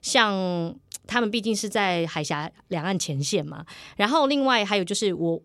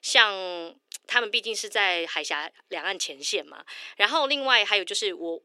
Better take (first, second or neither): first